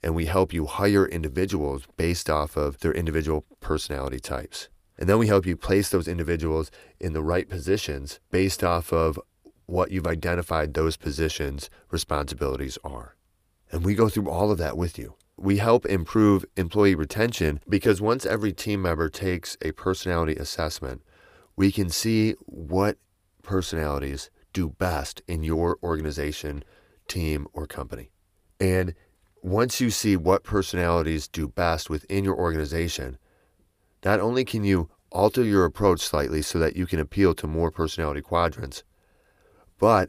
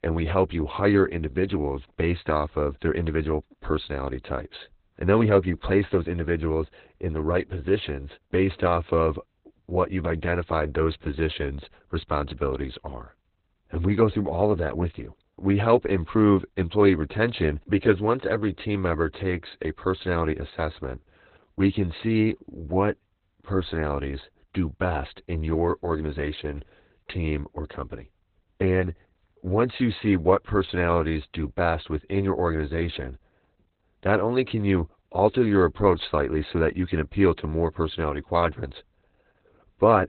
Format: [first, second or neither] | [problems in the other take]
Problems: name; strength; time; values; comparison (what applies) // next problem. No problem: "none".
first | garbled, watery; badly; nothing above 4 kHz